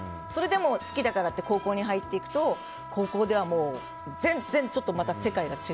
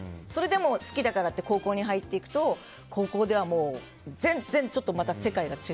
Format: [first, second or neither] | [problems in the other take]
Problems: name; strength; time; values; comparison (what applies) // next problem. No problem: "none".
second | background sound (Wind instrument, woodwind instrument); 13 dB below the speech